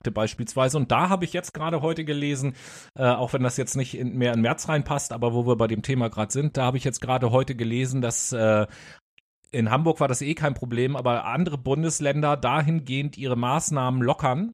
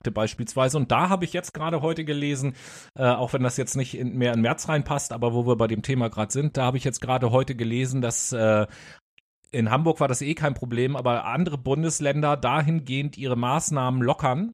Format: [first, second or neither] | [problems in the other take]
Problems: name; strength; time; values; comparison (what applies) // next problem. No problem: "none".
neither | none